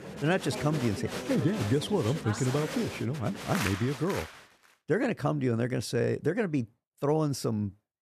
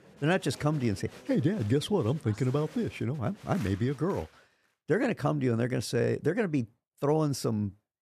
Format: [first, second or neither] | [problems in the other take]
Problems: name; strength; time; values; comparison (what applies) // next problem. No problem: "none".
second | crowd noise; loud; until 4 s; 7 dB below the speech; faint in the second